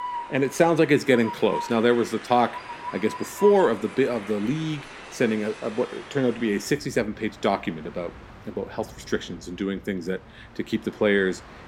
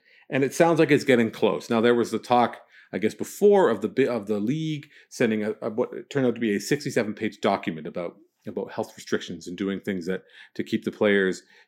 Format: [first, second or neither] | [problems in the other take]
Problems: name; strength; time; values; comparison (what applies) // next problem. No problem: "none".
second | train or aircraft noise; noticeable; throughout; 15 dB below the speech